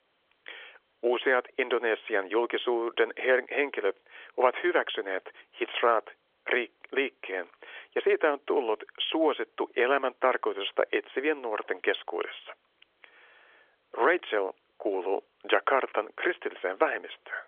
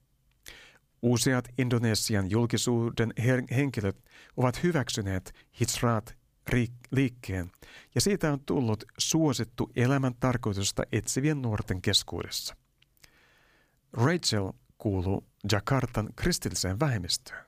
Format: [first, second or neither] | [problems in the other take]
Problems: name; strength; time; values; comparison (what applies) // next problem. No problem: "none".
second | phone-call audio; nothing above 3.5 kHz